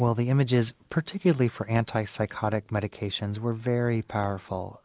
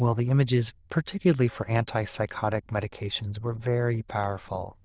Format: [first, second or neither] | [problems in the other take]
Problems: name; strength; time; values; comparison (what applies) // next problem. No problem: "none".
first | noise reduction (neural diffusion model UNIVERSE++)